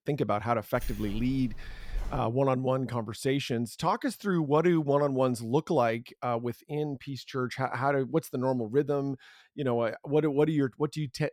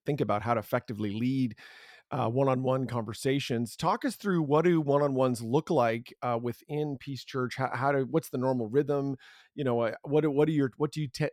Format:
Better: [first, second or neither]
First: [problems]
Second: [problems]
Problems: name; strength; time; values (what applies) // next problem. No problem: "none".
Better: second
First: jangling keys; faint; from 1 to 2 s; peak 10 dB below the speech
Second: none